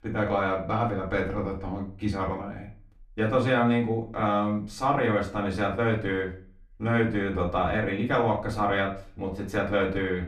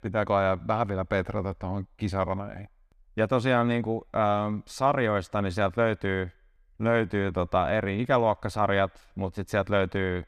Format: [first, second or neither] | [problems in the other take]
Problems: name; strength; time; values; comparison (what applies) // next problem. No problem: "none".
second | off-mic speech; far // room echo; very slight; dies away in 0.3 s